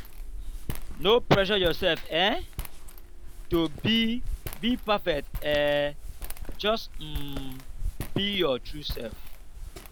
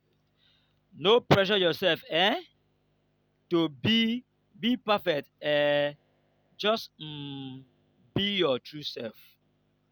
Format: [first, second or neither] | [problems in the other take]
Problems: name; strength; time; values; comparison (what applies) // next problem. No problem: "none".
second | background sound (Walk, footsteps); 5 dB below the speech